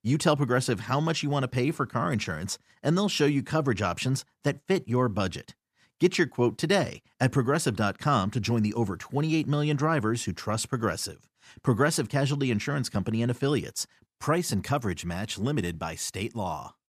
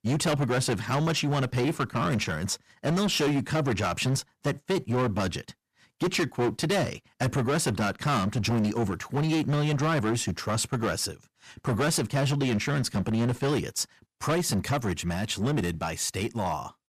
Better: first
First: none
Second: distortion; heavy; 17% of the sound clipped

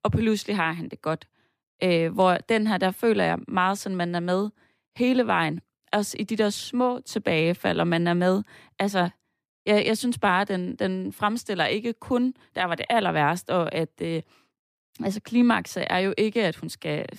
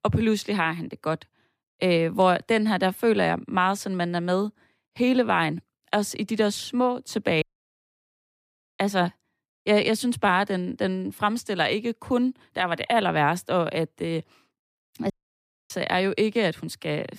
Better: first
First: none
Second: audio cutting out; at 7.5 s for 1.5 s and at 15 s for 0.5 s

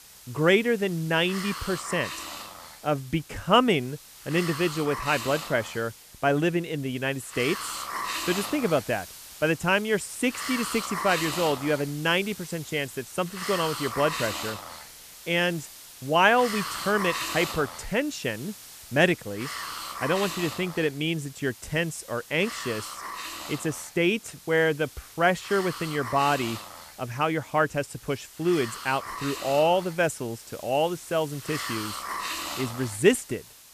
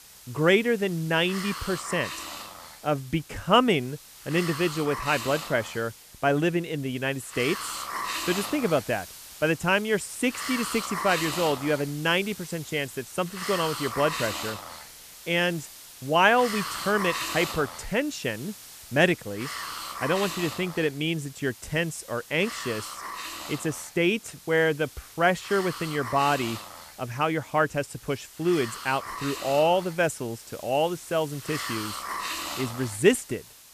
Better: neither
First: hiss; loud; throughout; 9 dB below the speech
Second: hiss; loud; throughout; 9 dB below the speech

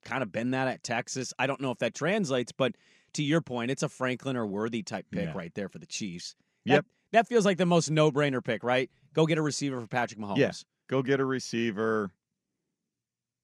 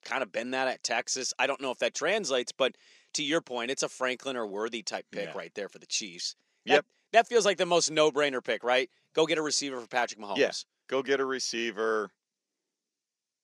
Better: first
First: none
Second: thin; somewhat; fading below 450 Hz

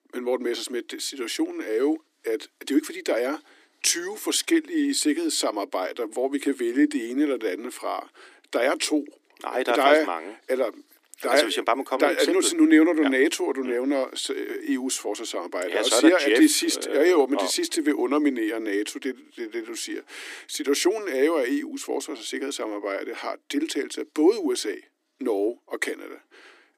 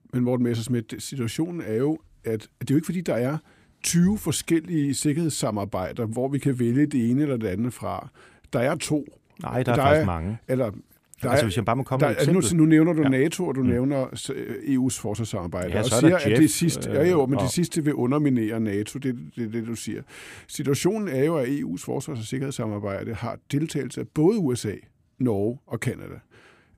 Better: second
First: thin; somewhat; fading below 300 Hz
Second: none

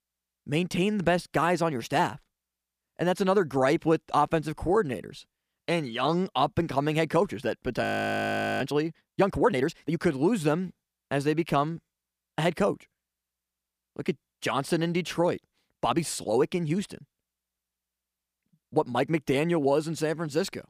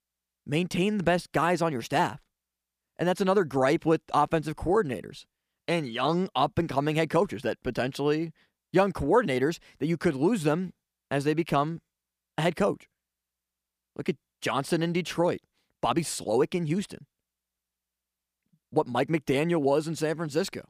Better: second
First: audio freezing; at 8 s for 1 s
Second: none

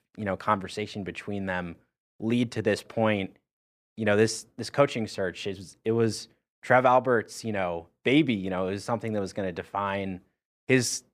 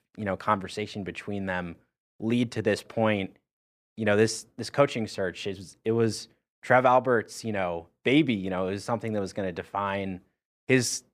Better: neither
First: none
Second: none

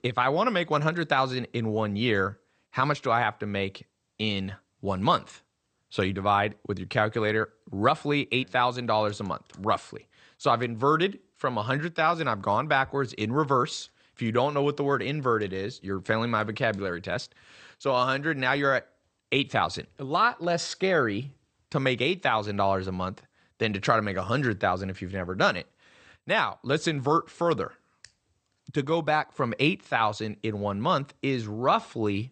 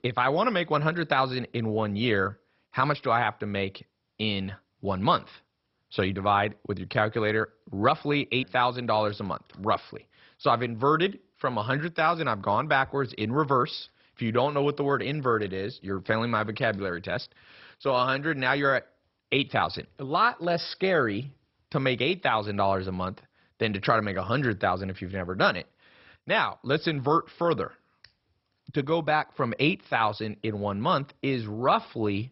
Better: first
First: garbled, watery; slightly; nothing above 8.5 kHz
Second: garbled, watery; badly; nothing above 5.5 kHz

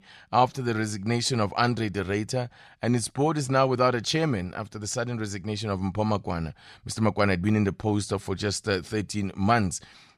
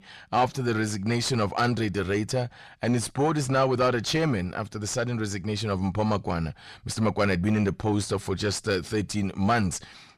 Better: first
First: none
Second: distortion; slight; 10 dB below the speech

